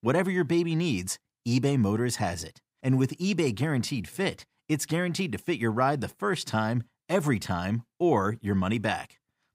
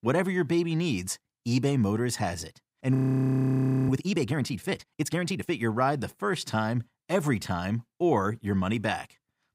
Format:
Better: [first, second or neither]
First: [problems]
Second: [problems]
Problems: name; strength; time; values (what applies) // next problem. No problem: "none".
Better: first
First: none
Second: audio freezing; at 3 s for 1 s